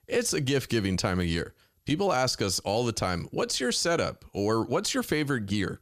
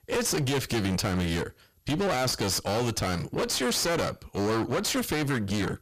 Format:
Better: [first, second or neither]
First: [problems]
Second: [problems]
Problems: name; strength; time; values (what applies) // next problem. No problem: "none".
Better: first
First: none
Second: distortion; heavy; 31% of the sound clipped